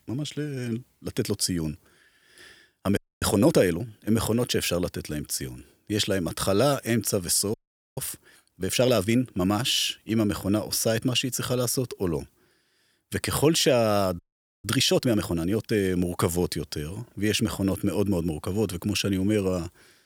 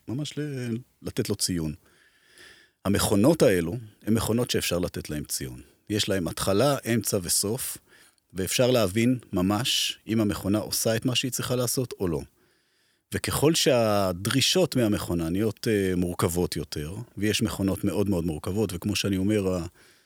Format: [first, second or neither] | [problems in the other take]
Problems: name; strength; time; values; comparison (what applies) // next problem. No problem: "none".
second | audio freezing; at 3 s, at 7.5 s and at 14 s